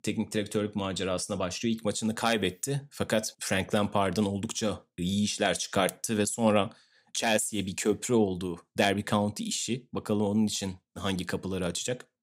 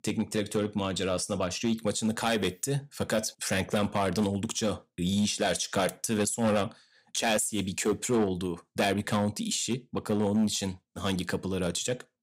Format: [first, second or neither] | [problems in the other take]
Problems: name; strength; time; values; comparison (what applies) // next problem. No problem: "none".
first | distortion; slight; 4% of the sound clipped